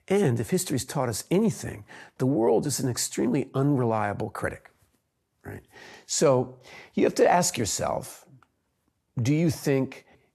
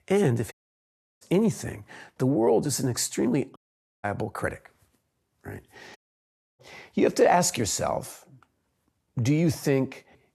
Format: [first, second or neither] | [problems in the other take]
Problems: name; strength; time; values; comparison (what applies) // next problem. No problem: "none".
first | audio cutting out; at 0.5 s for 0.5 s, at 3.5 s and at 6 s for 0.5 s